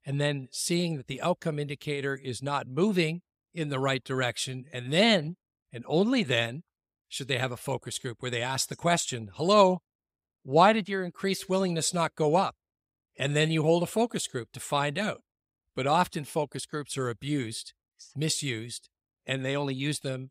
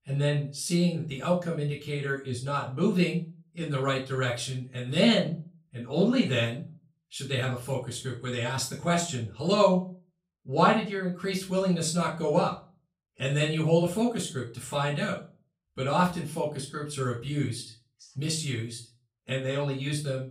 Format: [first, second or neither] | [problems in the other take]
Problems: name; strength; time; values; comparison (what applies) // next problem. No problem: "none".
first | off-mic speech; far // room echo; slight; dies away in 0.3 s